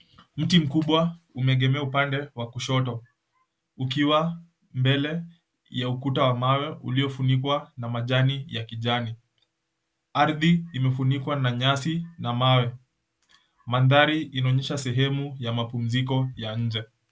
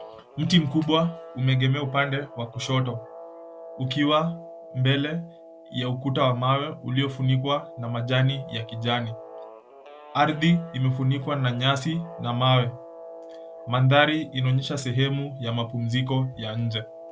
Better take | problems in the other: first | background sound (Guitar); 17 dB below the speech

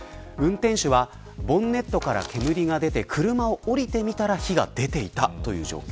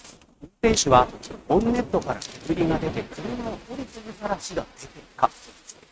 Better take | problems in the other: first | noise reduction (neural mask model RNNoise)

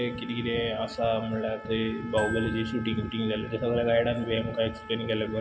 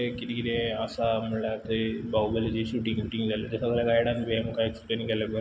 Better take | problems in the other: second | background sound (Glockenspiel + Trumpet); 15 dB below the speech

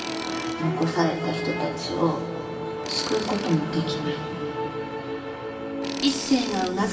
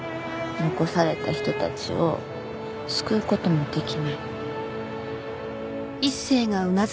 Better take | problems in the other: second | background sound (Tools); 14 dB below the speech // room echo; dies away in 2.9 s

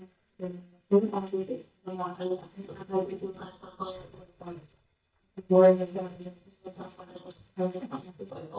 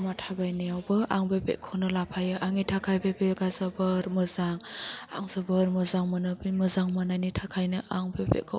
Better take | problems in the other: second | noise reduction (neural mask model DeepFilterNet 3)

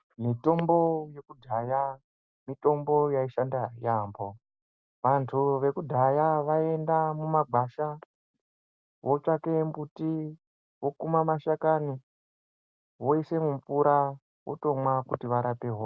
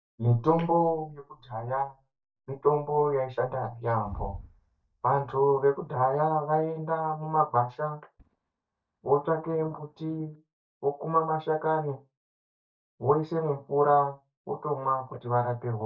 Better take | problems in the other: first | noise reduction (neural mask model DeepFilterNet 3)

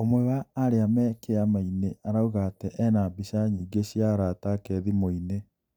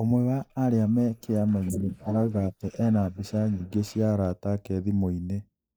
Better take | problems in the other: first | noise reduction (neural mask model Resemble Enhance denoiser)

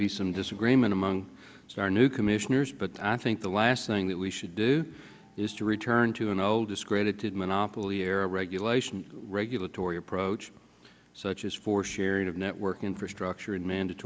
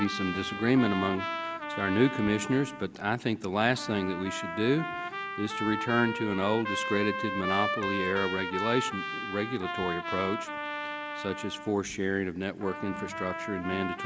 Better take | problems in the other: first | background sound (Trumpet); 5 dB below the speech

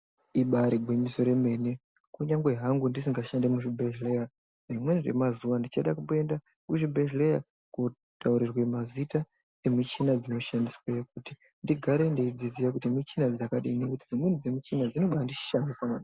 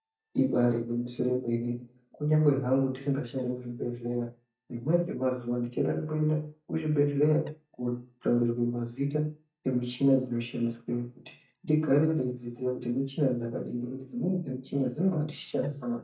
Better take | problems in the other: first | noise reduction (neural mask model DeepFilterNet 3)

